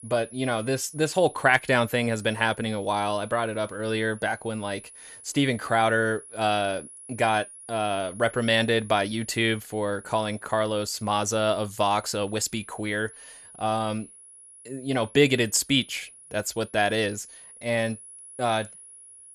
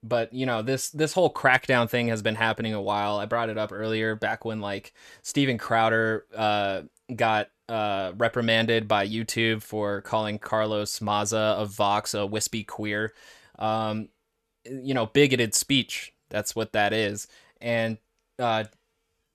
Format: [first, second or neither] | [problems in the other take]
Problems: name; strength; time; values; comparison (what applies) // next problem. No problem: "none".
second | high-pitched whine; noticeable; throughout; 10.5 kHz, 20 dB below the speech